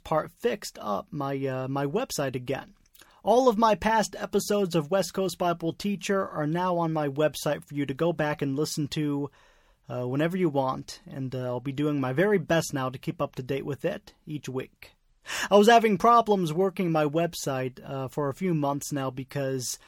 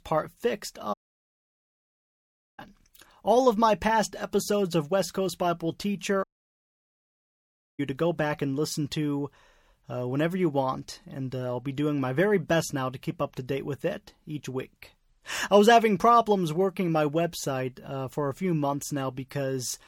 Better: first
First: none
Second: audio cutting out; at 1 s for 1.5 s and at 6 s for 1.5 s

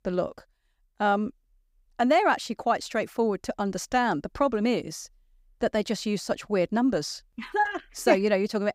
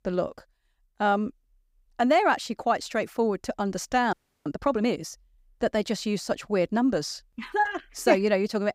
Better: first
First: none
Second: audio freezing; at 4 s

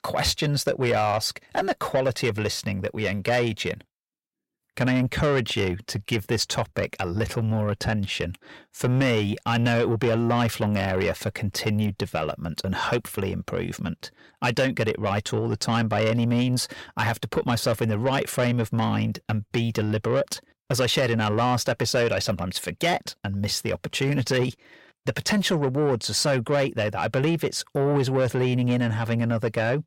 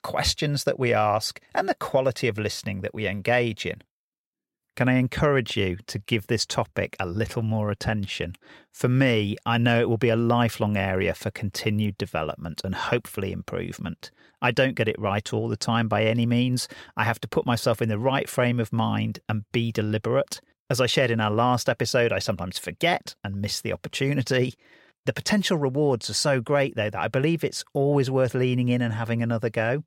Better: second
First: distortion; slight; 10 dB below the speech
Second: none

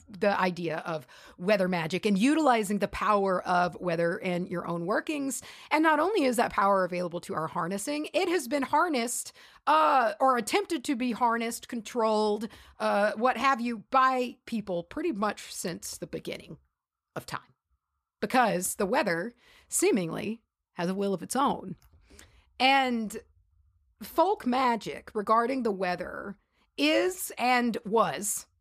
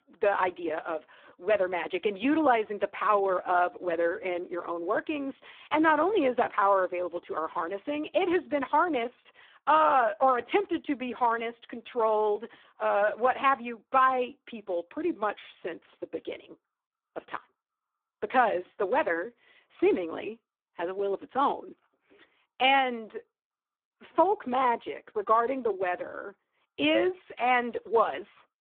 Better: first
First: none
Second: phone-call audio; poor line

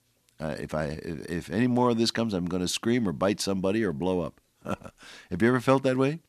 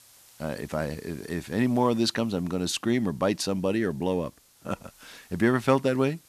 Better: first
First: none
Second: hiss; faint; throughout; 25 dB below the speech

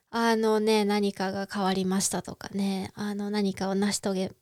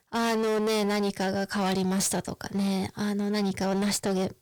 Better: first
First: none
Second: distortion; heavy; 28% of the sound clipped

